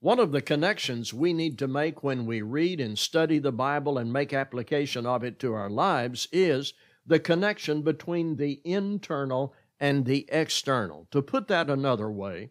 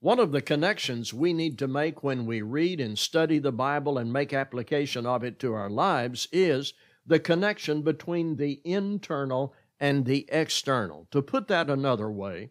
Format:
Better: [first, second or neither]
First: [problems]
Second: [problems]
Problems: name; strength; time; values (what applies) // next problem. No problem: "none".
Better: neither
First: none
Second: none